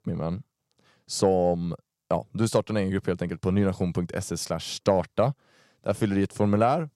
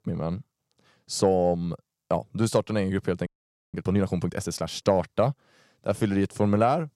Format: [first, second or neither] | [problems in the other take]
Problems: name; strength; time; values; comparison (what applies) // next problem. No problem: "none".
first | audio freezing; at 3.5 s